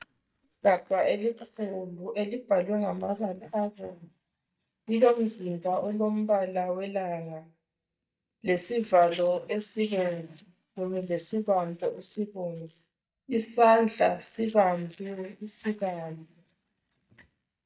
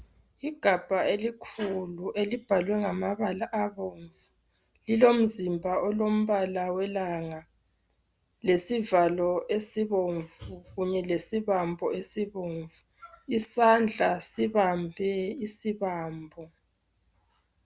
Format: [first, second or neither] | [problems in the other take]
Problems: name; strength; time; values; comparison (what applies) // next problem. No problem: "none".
second | noise reduction (neural mask model DeepFilterNet 3)